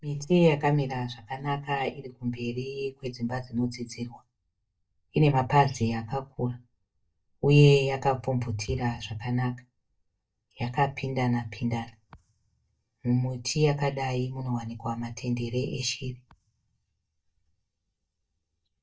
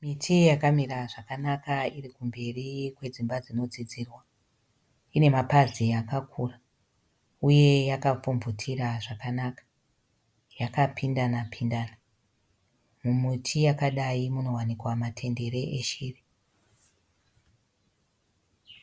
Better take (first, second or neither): second